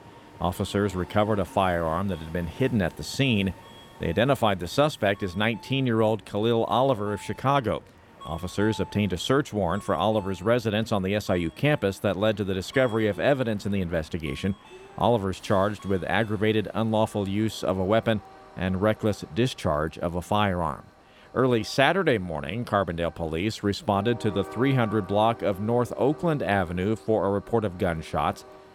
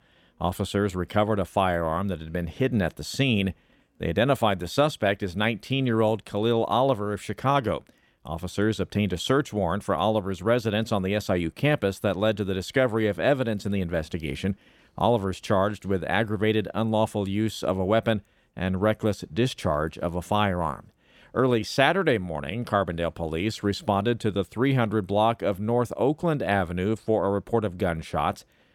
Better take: second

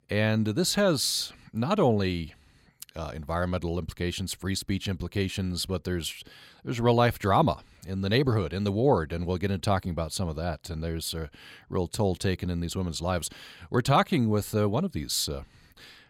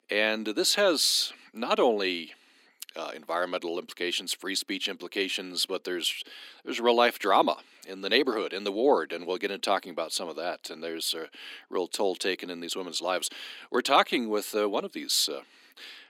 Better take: first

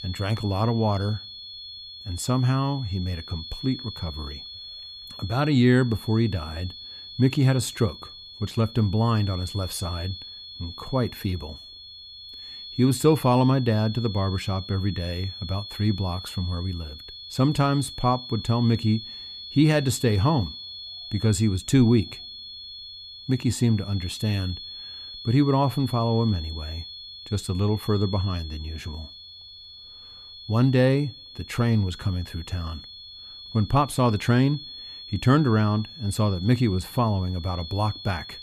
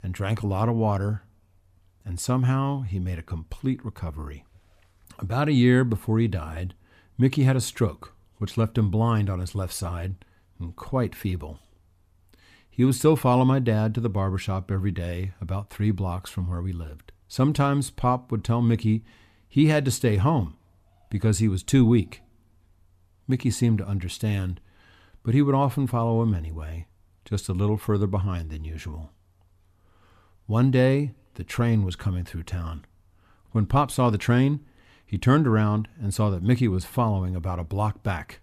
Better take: second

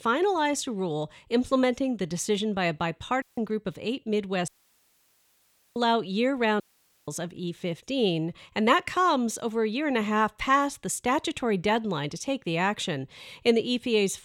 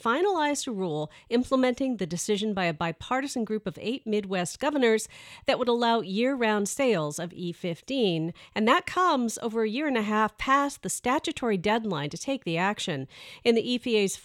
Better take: second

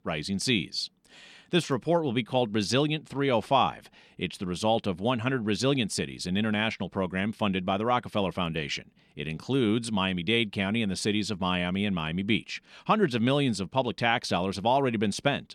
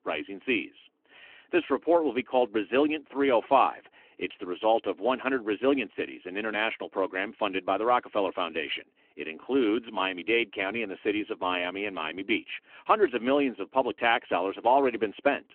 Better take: first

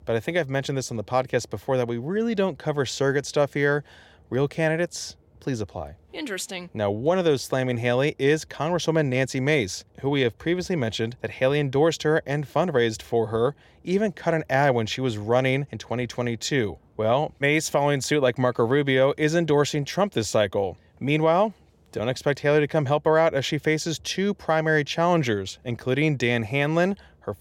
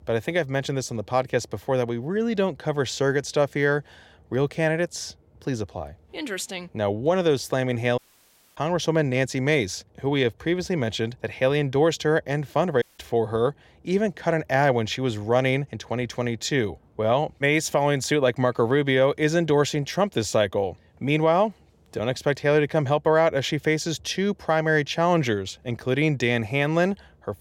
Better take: first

